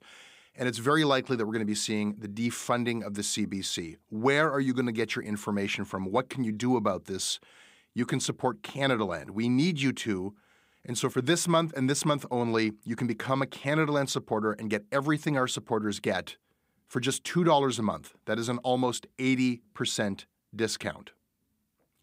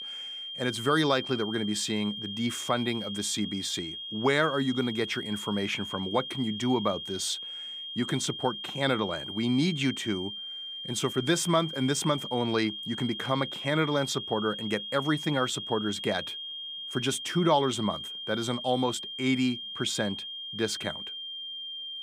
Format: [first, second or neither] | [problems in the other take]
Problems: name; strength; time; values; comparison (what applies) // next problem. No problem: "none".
first | high-pitched whine; loud; throughout; 3 kHz, 6 dB below the speech